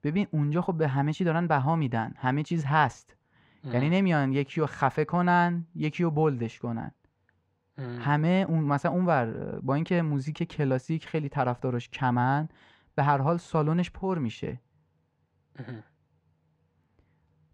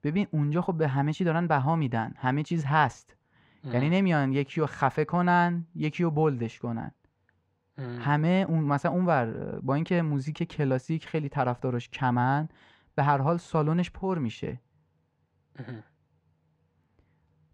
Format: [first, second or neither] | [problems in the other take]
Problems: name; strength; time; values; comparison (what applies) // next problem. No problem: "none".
neither | muffled; slightly; fading above 3.5 kHz; the same in both